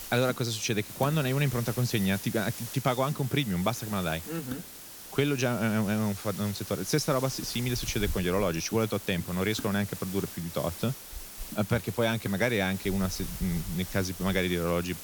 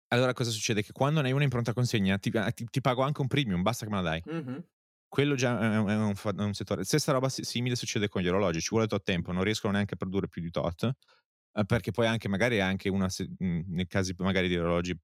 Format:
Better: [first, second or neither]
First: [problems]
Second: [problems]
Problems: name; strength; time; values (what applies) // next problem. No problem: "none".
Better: second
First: hiss; noticeable; throughout; 10 dB below the speech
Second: none